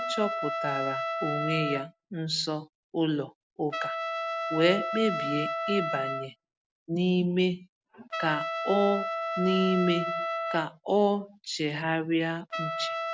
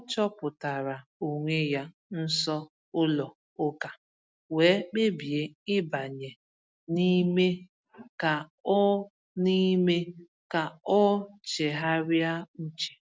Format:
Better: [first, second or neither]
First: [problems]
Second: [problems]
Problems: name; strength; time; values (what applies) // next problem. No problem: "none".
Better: second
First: background sound (Trumpet); 4 dB below the speech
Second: none